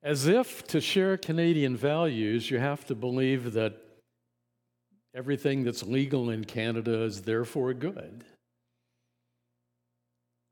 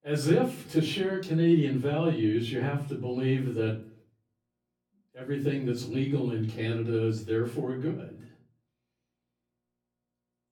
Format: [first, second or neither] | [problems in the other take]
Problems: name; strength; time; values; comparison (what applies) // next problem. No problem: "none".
first | off-mic speech; far // room echo; slight; dies away in 0.4 s